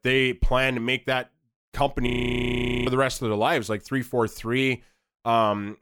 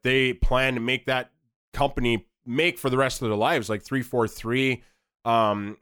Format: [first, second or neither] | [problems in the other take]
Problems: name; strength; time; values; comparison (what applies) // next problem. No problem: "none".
second | audio freezing; at 2 s for 1 s